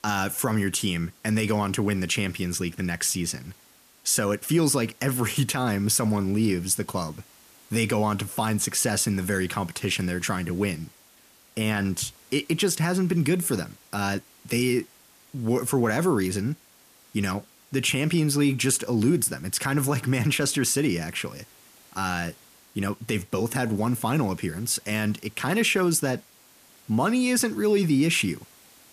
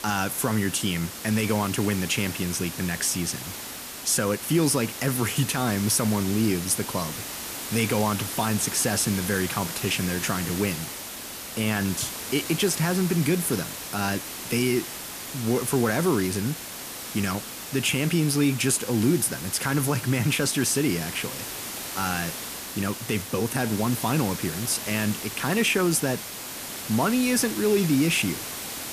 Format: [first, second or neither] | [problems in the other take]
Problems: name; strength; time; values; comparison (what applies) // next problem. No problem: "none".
first | hiss; loud; throughout; 8 dB below the speech; faint in the first